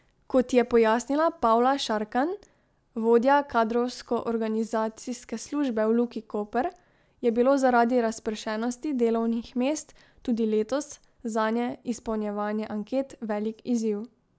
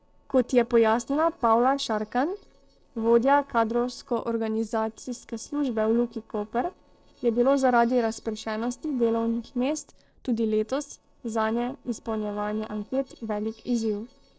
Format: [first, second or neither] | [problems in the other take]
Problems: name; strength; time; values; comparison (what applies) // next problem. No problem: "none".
first | noise reduction (neural separator model SepFormer DNS4)